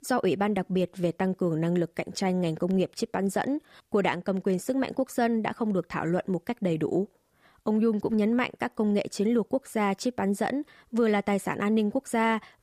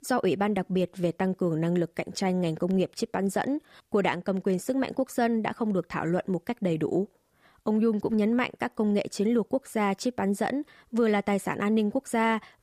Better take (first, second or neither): neither